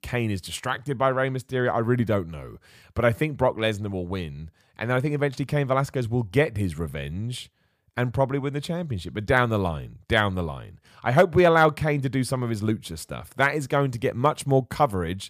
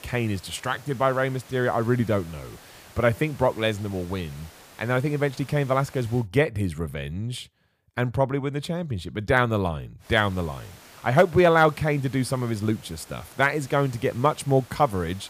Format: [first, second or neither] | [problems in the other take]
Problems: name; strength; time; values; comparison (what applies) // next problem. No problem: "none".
first | hiss; faint; until 6 s and from 10 s on; 25 dB below the speech